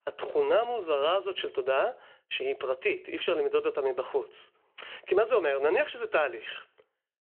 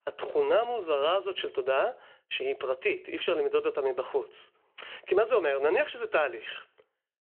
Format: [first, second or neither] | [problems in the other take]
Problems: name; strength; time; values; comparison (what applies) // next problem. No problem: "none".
neither | phone-call audio; the same in both